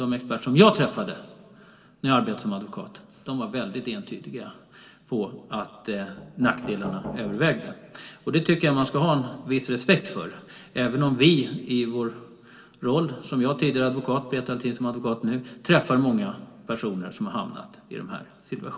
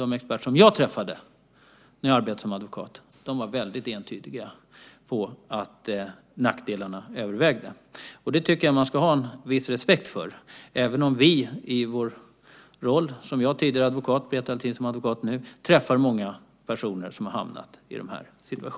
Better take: second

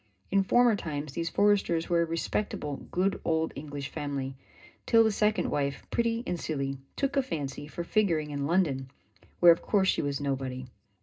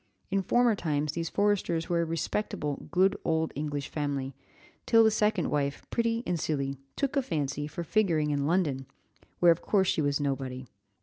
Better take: second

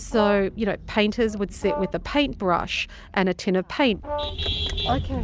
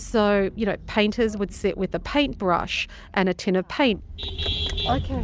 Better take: second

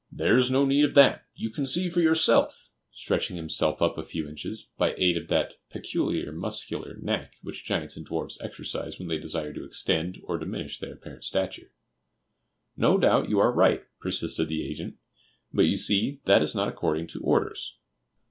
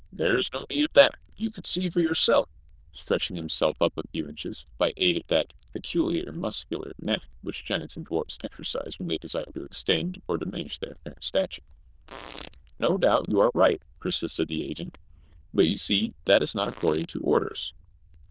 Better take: first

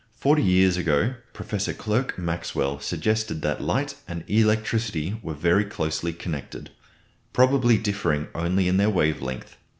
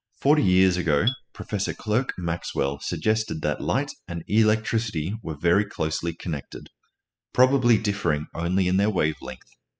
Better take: first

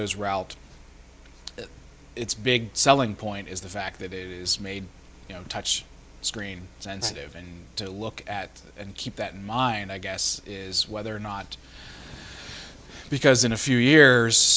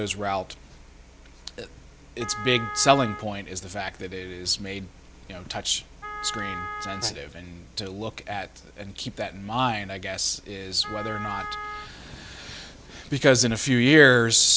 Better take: first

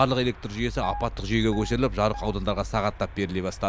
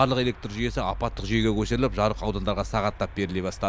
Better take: second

